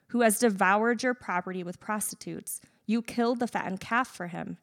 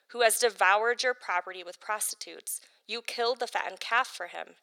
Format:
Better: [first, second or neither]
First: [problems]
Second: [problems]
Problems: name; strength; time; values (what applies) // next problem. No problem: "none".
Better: first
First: none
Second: thin; very; fading below 500 Hz